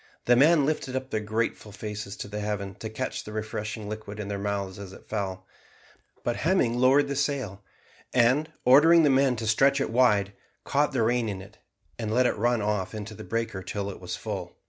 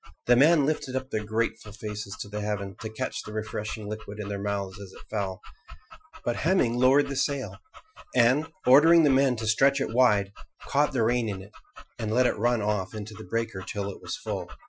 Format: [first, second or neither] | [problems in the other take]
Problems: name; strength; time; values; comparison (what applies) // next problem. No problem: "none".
first | noise reduction (classical method Wiener filter)